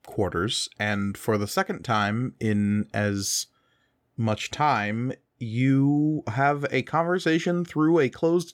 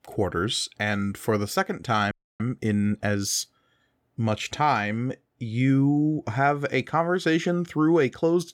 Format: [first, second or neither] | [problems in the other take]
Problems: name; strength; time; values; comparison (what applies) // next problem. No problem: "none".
first | audio freezing; at 2 s